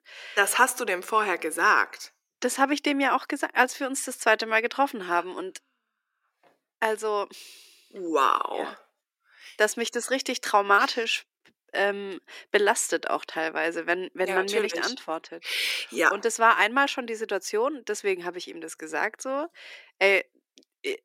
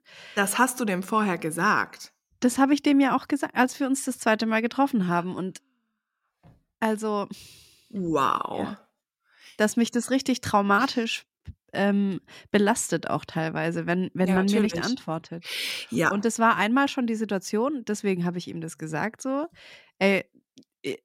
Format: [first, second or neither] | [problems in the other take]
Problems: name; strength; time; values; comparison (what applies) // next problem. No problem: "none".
second | thin; somewhat; fading below 350 Hz